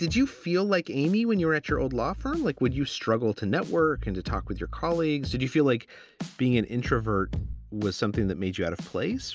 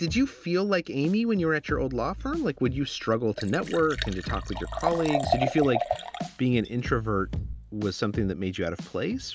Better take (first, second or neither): first